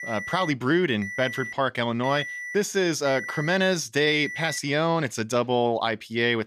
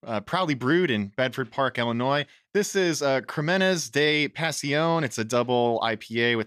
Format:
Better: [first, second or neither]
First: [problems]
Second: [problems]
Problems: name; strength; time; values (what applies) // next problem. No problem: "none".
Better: second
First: alarm; noticeable; until 4.5 s; peak 8 dB below the speech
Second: none